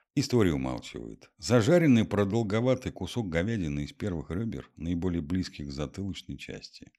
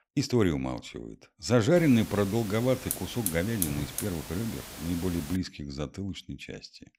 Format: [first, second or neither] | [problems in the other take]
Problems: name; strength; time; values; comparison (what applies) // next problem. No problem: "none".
first | hiss; loud; from 2 to 5.5 s; 8 dB below the speech